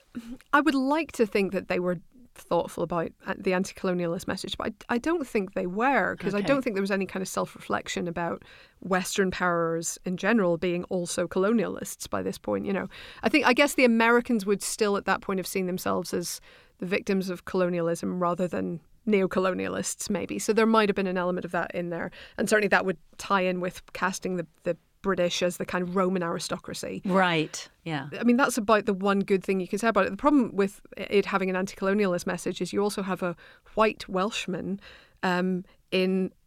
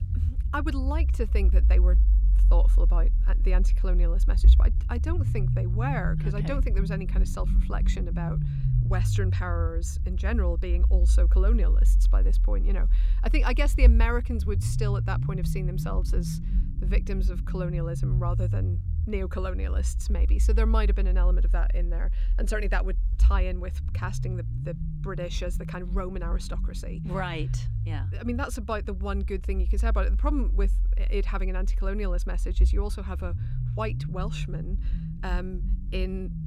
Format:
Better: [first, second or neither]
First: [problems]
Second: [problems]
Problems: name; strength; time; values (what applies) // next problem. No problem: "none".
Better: first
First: none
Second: low rumble; loud; throughout; 9 dB below the speech